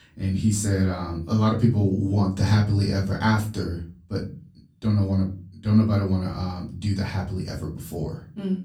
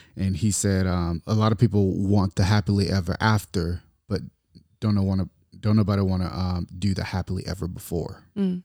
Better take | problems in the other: second | off-mic speech; far // room echo; very slight; dies away in 0.3 s

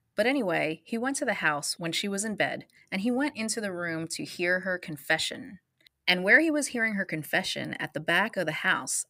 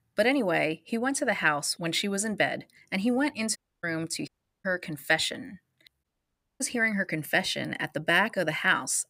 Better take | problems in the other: first | audio cutting out; at 3.5 s, at 4.5 s and at 6 s for 0.5 s

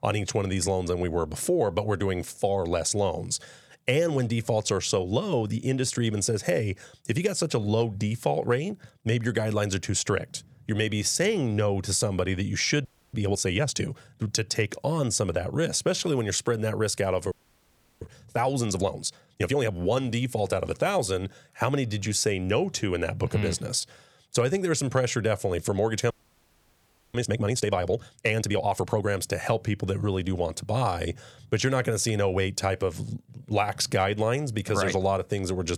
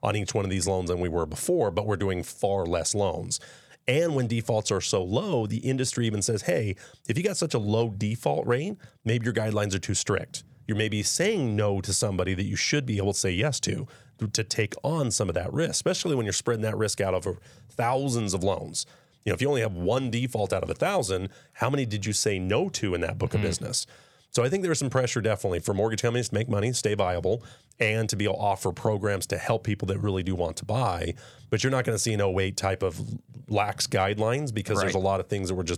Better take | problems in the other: second | audio freezing; at 13 s, at 17 s for 0.5 s and at 26 s for 1 s

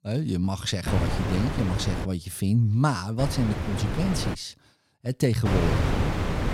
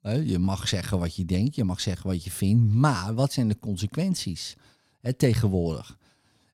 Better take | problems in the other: second | wind noise on the microphone; heavy; from 1 to 2 s, from 3 to 4.5 s and from 5.5 s on; 1 dB below the speech

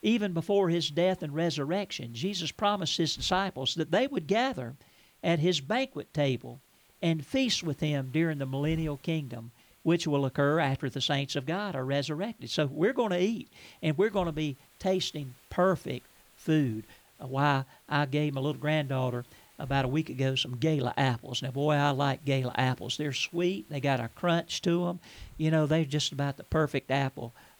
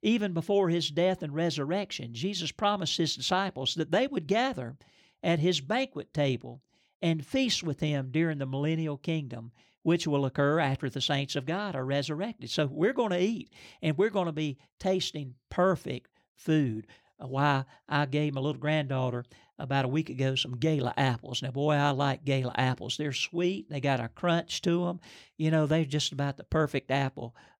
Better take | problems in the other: second | hiss; faint; throughout; 30 dB below the speech

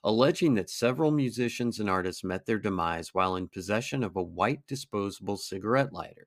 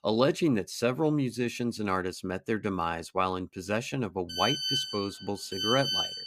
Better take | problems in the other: first | phone ringing; loud; from 4.5 s on; peak 3 dB above the speech

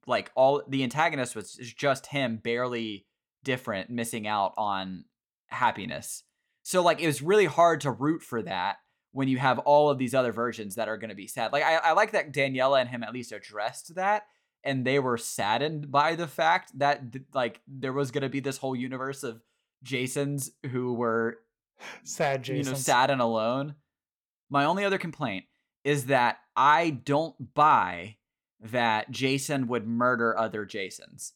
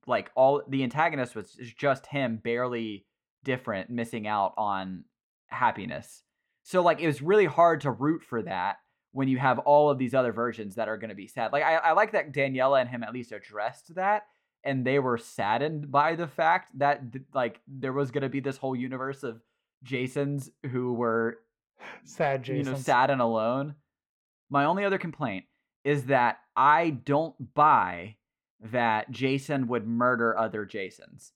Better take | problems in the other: first | muffled; slightly; fading above 3.5 kHz

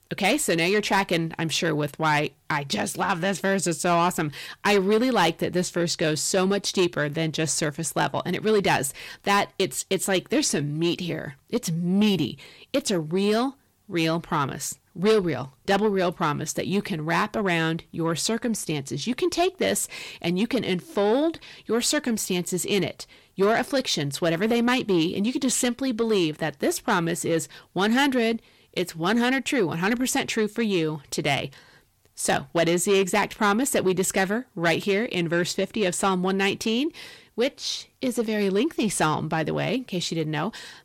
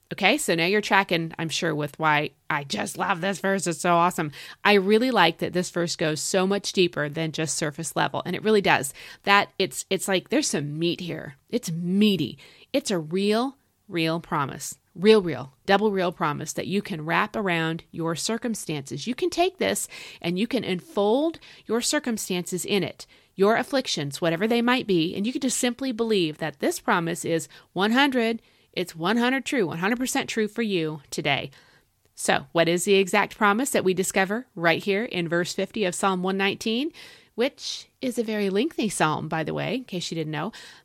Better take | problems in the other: second | distortion; slight; 10 dB below the speech

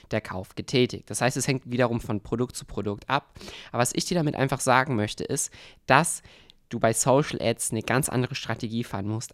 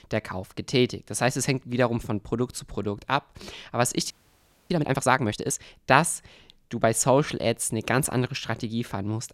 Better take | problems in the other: first | audio freezing; at 4 s for 0.5 s

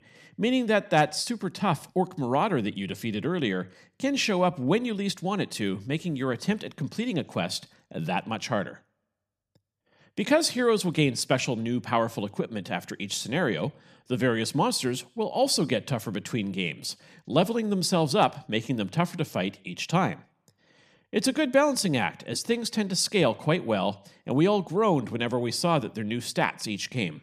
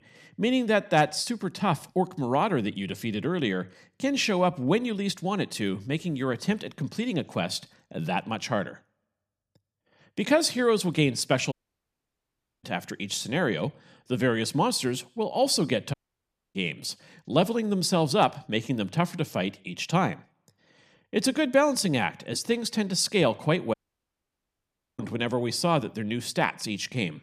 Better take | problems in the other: first | audio cutting out; at 12 s for 1 s, at 16 s for 0.5 s and at 24 s for 1 s

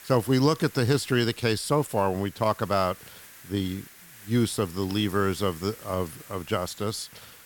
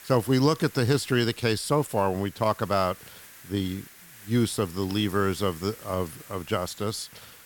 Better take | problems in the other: neither | hiss; noticeable; throughout; 20 dB below the speech; the same in both

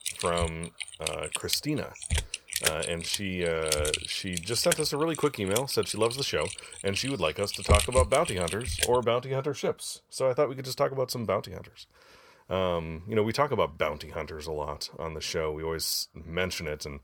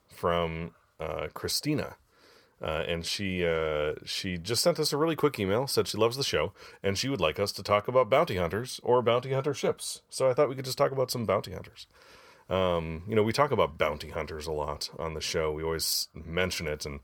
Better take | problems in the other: second | keyboard typing; loud; until 9 s; peak 5 dB above the speech

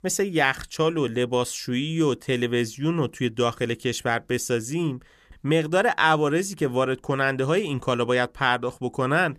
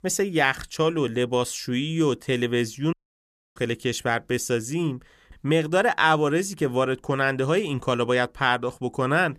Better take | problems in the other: first | audio cutting out; at 3 s for 0.5 s

